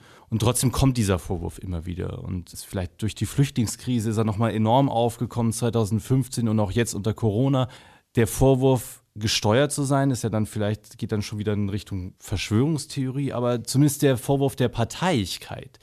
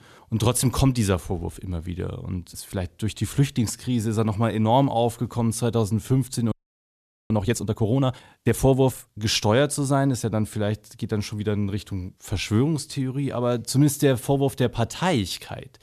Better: first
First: none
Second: audio freezing; at 6.5 s for 1 s

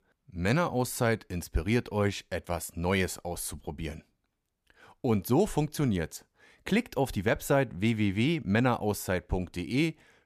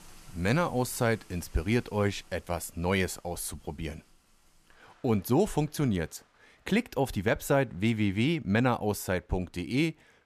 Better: first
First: none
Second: rain or running water; faint; throughout; 30 dB below the speech

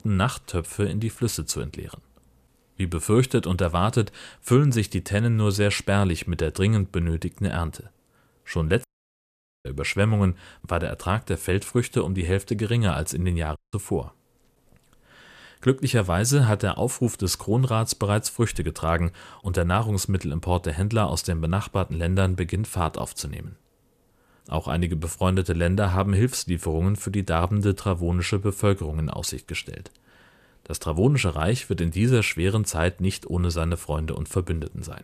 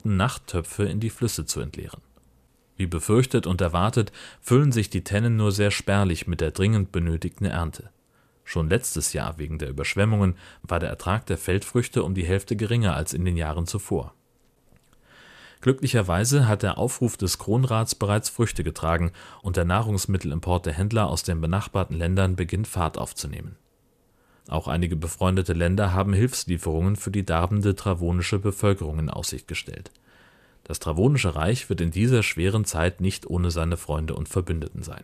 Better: second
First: audio cutting out; at 9 s for 1 s and at 14 s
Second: none

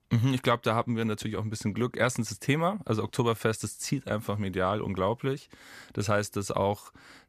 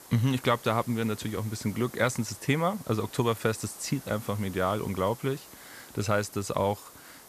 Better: first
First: none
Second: hiss; noticeable; throughout; 15 dB below the speech

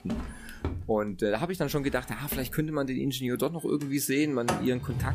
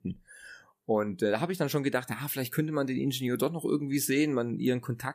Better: second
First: household noises; loud; throughout; 8 dB below the speech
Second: none

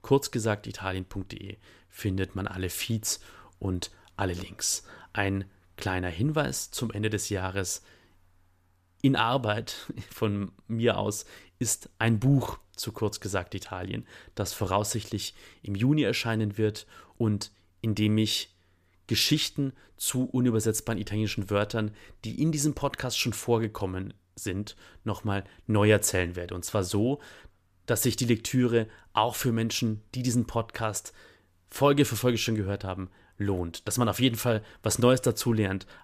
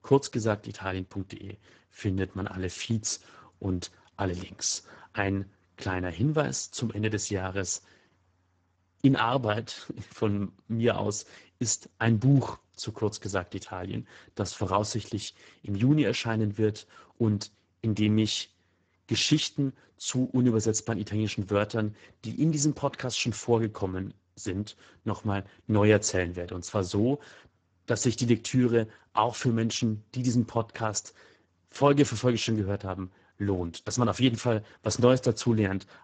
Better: first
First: none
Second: garbled, watery; badly; nothing above 7.5 kHz

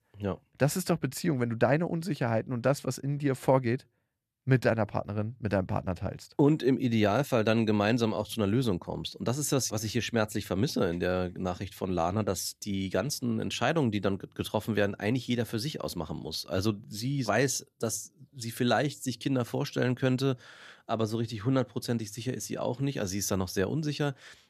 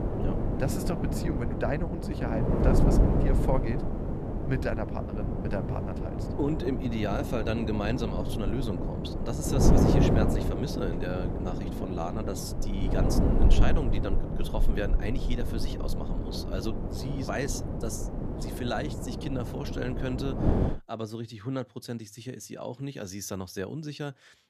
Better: first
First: none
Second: wind noise on the microphone; heavy; until 21 s; as loud as the speech

